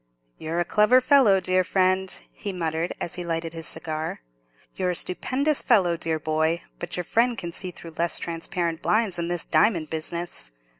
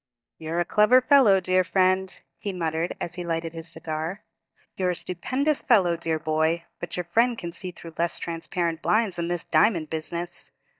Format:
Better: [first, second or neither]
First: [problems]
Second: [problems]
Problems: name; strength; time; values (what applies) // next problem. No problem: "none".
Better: first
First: none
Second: noise reduction (neural mask model DeepFilterNet 3)